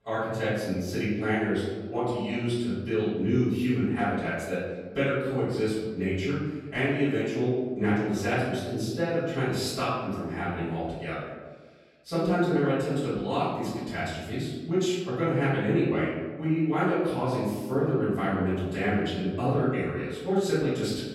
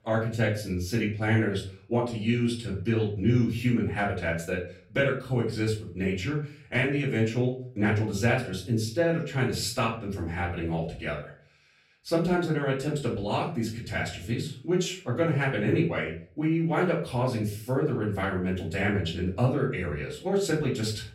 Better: second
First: room echo; strong; dies away in 1.3 s // off-mic speech; far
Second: room echo; slight; dies away in 0.4 s // off-mic speech; far

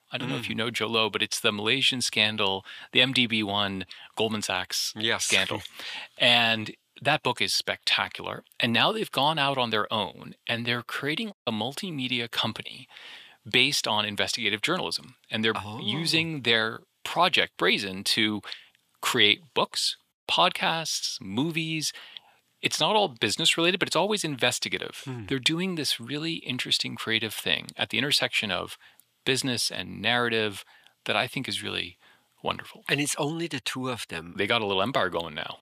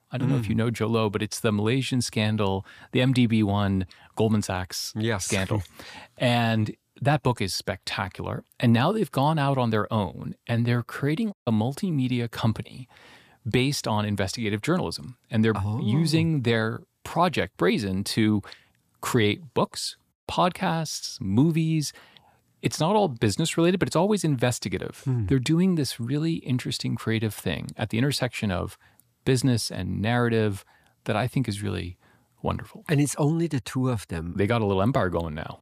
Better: second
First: thin; somewhat; fading below 1 kHz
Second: none

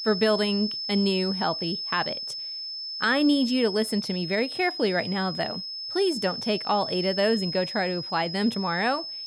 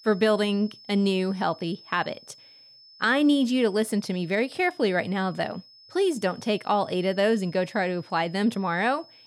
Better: second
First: high-pitched whine; loud; throughout; 5 kHz, 5 dB below the speech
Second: high-pitched whine; faint; throughout; 5 kHz, 25 dB below the speech

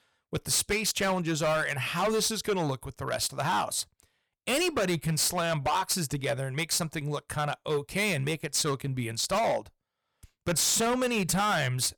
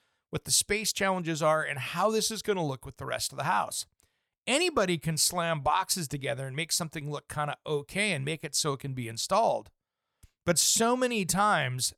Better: second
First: distortion; heavy; 13% of the sound clipped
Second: none

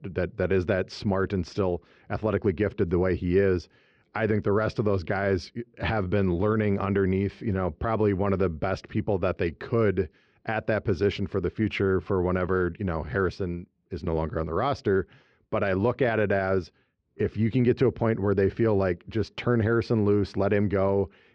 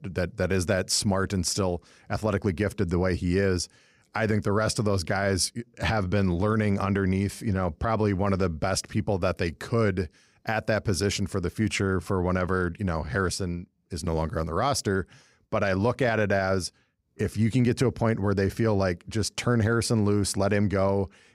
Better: second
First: muffled; slightly; fading above 3.5 kHz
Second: none

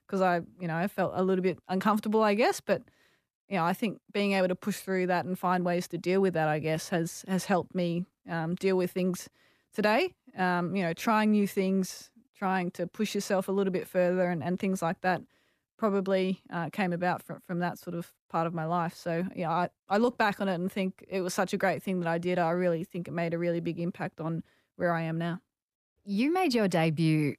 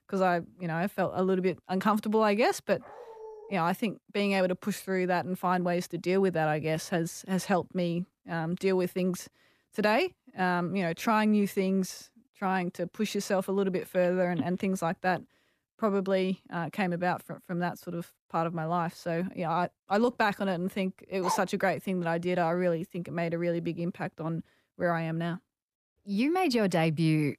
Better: first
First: none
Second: dog barking; faint; at 3 s; peak 15 dB below the speech // phone ringing; noticeable; at 14 s; peak 9 dB below the speech // dog barking; noticeable; at 21 s; peak 4 dB below the speech

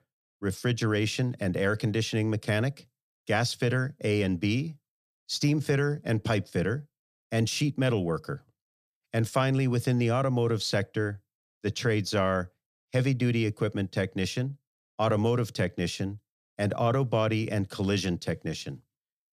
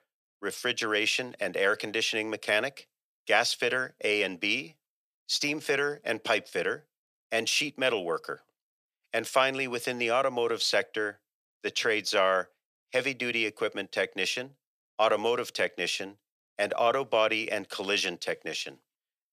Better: first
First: none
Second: thin; very; fading below 550 Hz

